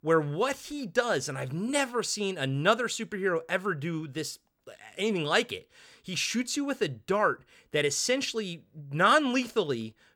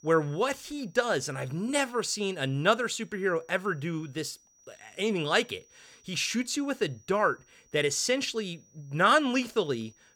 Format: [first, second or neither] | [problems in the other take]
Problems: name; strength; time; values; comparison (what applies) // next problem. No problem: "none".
first | high-pitched whine; faint; throughout; 6 kHz, 30 dB below the speech